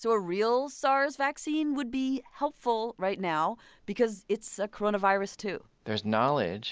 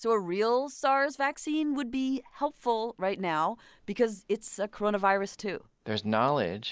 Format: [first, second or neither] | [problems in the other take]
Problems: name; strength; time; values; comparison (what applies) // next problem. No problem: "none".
first | noise reduction (neural mask model Resemble Enhance denoiser)